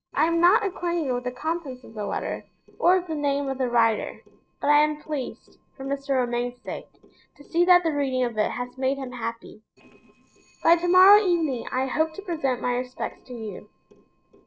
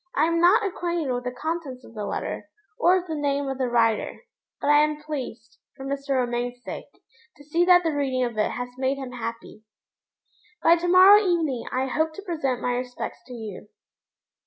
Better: second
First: noise reduction (neural separator model SepFormer DNS4)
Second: none

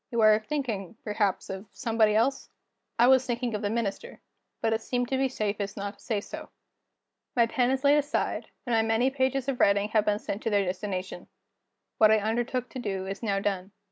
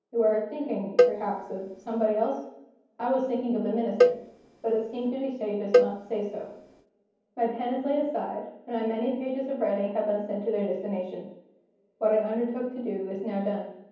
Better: first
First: none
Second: background sound (Cowbell); 1 dB above the speech // room echo; dies away in 0.9 s

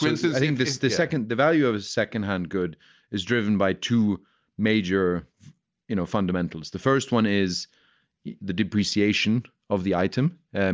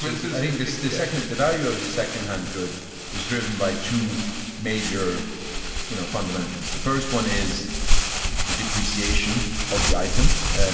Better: first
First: none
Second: background sound (Crumpling, crinkling); 2 dB above the speech // room echo; dies away in 2.6 s

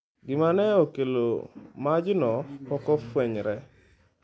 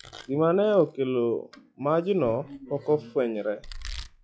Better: first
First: none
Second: noise reduction (classical method log-MMSE)

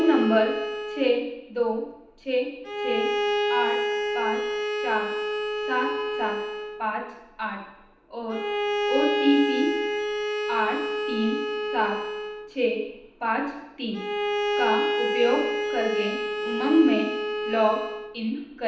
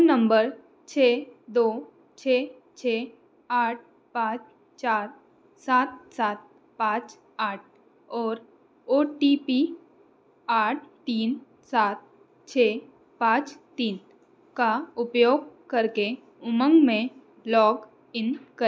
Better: second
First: background sound (Bowed string instrument); 1 dB below the speech // room echo; dies away in 0.9 s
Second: none

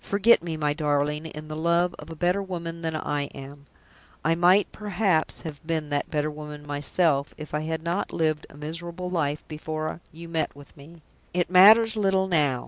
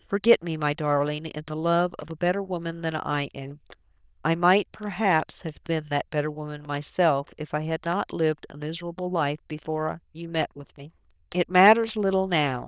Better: first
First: none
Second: noise reduction (neural diffusion model UNIVERSE++)

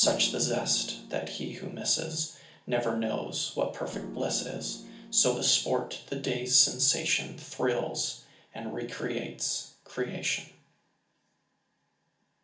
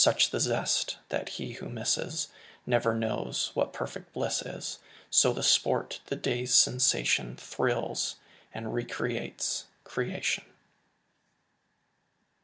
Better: second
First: background sound (Piano); 12 dB below the speech // room echo; dies away in 0.4 s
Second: none

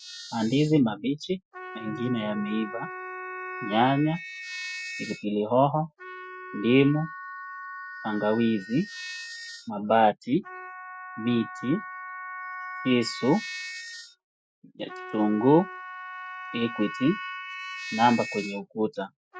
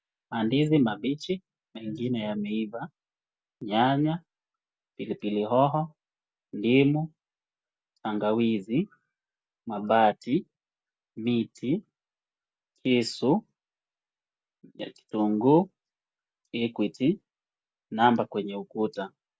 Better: second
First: noise reduction (classical method Wiener filter)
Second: none

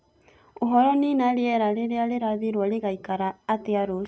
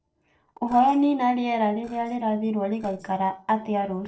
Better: first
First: none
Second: noise reduction (neural separator model SepFormer DNS4)

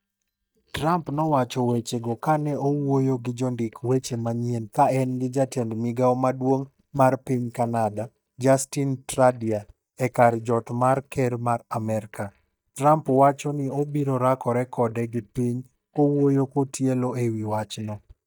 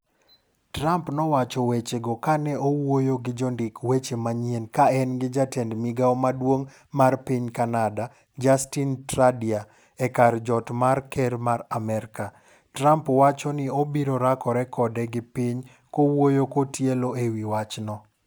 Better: second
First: noise reduction (neural mask model DeepFilterNet 3)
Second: none

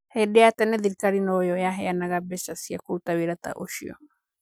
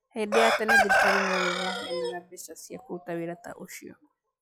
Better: first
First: none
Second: noise reduction (classical method log-MMSE)

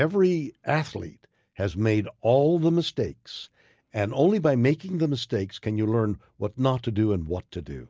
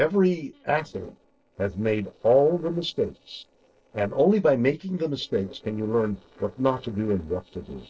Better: first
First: none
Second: noise reduction (neural separator model SepFormer DNS4)

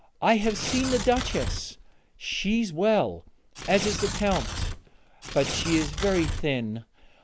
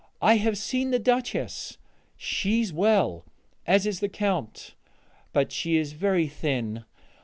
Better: second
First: background sound (Tearing); 5 dB below the speech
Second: none

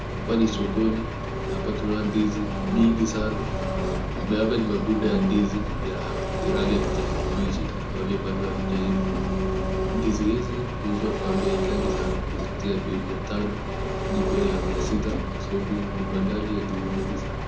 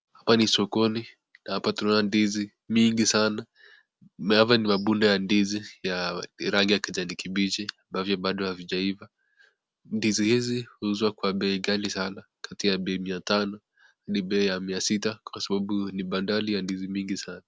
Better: second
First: background sound (Engine); as loud as the speech // room echo; dies away in 0.5 s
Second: none

